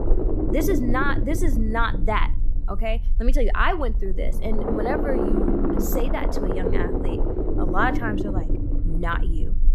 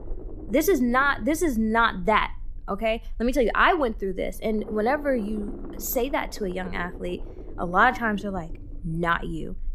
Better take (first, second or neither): second